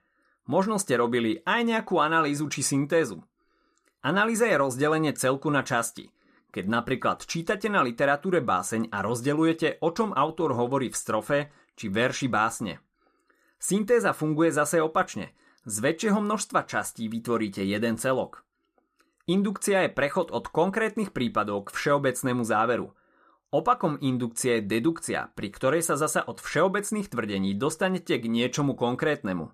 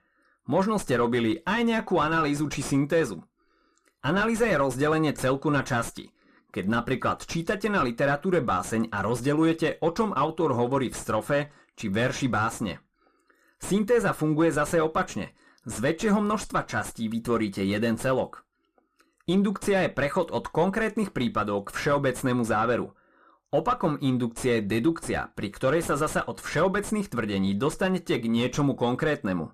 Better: first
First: none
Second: distortion; slight; 8 dB below the speech

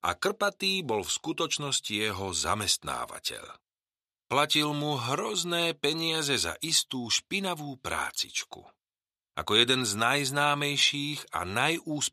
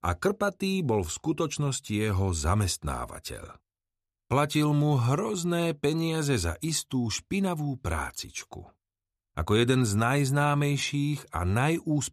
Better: second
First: thin; somewhat; fading below 650 Hz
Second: none

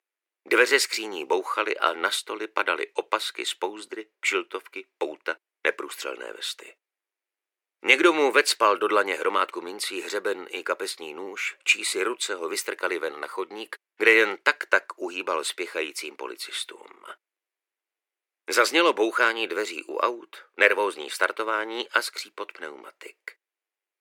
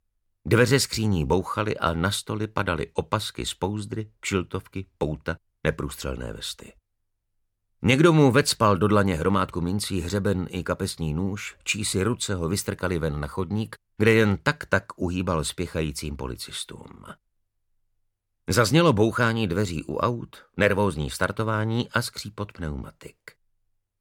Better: second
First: thin; very; fading below 350 Hz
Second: none

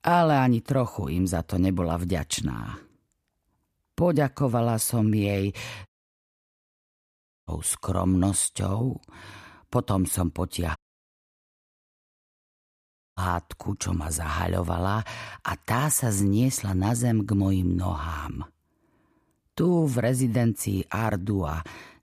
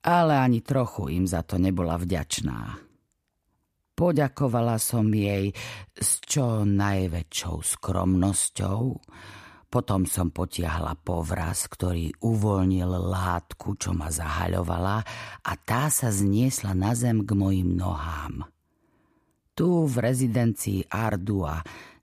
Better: second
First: audio cutting out; at 6 s for 1.5 s and at 11 s for 2.5 s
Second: none

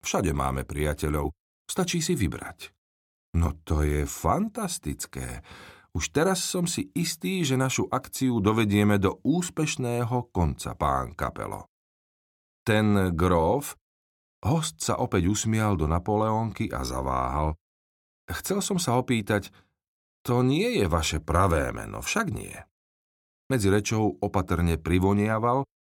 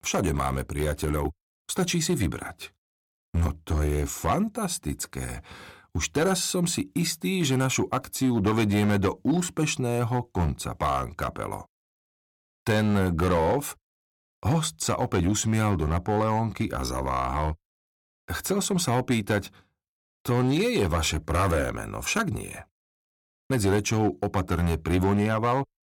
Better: first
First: none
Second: distortion; slight; 5% of the sound clipped

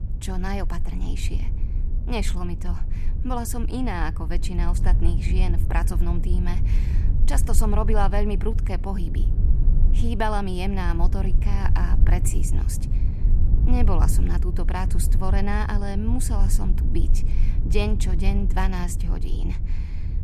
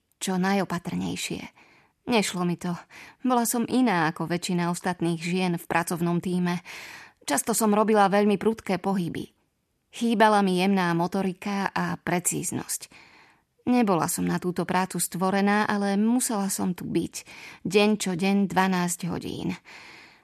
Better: second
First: low rumble; noticeable; throughout; 10 dB below the speech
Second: none

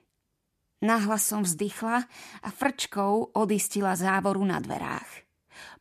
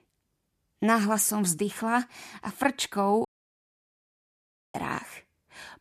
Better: first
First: none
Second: audio cutting out; at 3.5 s for 1.5 s

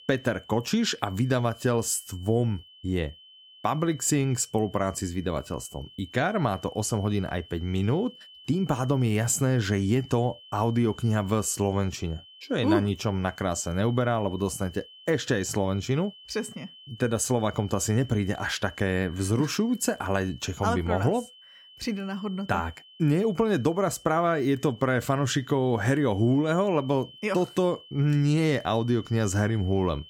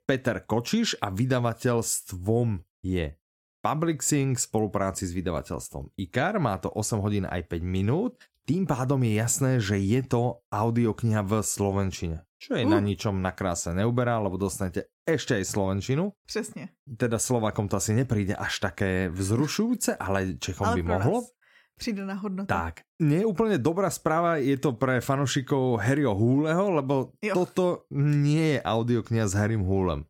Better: second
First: high-pitched whine; faint; throughout; 3 kHz, 20 dB below the speech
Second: none

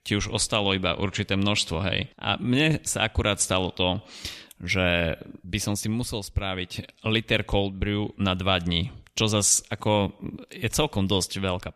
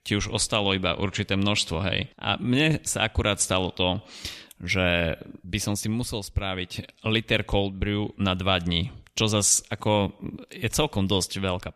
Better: neither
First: none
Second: none

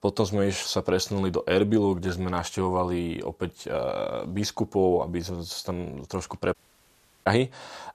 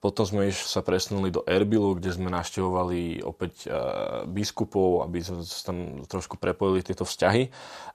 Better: second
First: audio cutting out; at 6.5 s for 0.5 s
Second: none

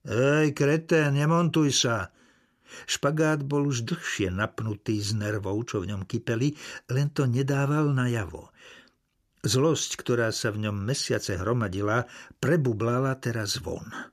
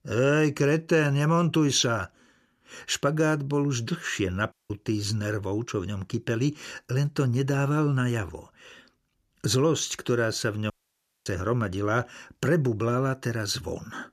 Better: first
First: none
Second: audio cutting out; at 4.5 s and at 11 s for 0.5 s

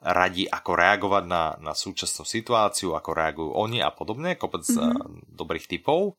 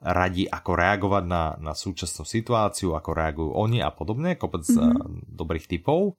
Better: second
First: thin; very slightly; fading below 1 kHz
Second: none

